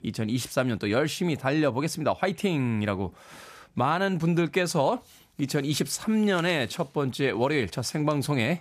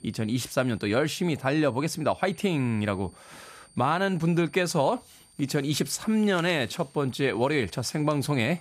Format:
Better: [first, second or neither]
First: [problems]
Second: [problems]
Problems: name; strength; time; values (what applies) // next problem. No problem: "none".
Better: first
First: none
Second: high-pitched whine; faint; throughout; 9 kHz, 30 dB below the speech